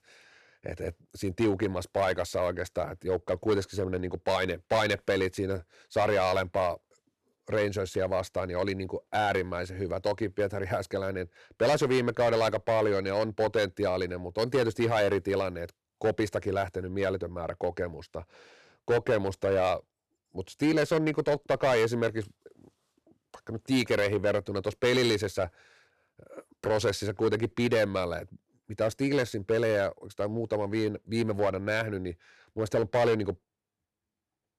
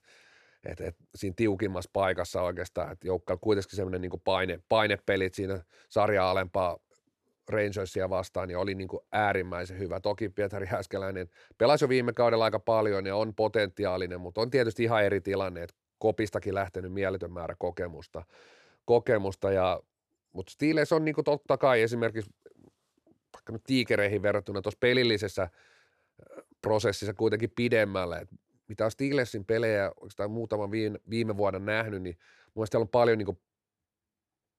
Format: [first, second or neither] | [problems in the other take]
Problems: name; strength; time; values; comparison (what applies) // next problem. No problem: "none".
second | distortion; slight; 5% of the sound clipped